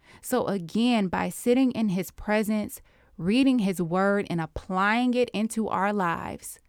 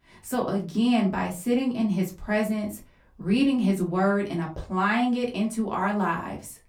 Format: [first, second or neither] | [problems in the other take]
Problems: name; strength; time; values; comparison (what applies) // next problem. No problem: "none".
first | off-mic speech; far // room echo; very slight; dies away in 0.2 s